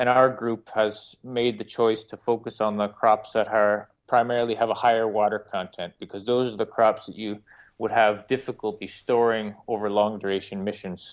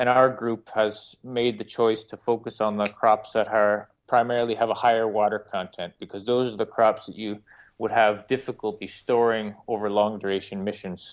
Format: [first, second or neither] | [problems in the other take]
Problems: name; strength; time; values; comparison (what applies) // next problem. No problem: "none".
first | background sound (Finger snapping); 16 dB below the speech